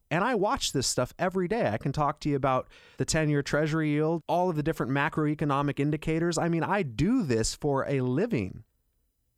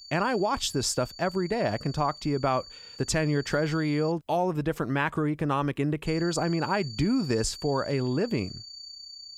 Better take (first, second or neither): first